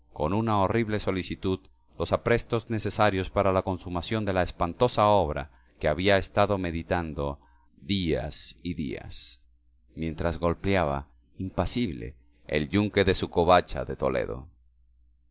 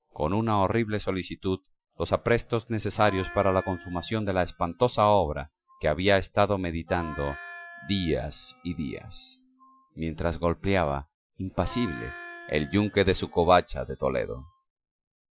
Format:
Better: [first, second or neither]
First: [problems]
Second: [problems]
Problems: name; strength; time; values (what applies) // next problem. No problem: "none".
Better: first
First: none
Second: noise reduction (classical method Wiener filter)